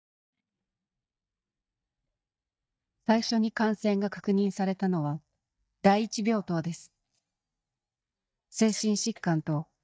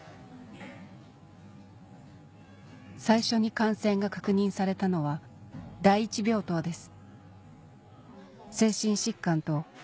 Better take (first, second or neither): second